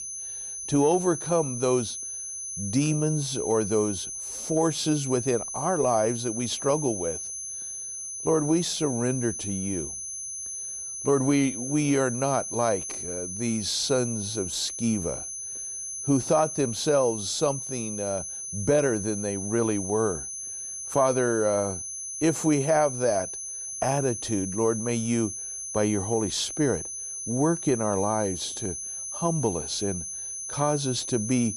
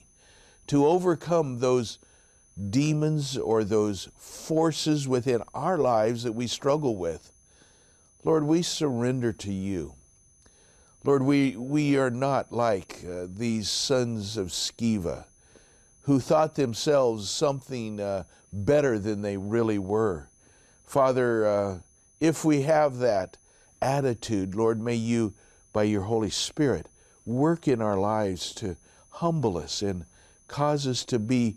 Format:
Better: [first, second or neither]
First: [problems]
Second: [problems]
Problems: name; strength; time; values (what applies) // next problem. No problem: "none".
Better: second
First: high-pitched whine; loud; throughout; 6 kHz, 6 dB below the speech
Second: high-pitched whine; faint; throughout; 6 kHz, 30 dB below the speech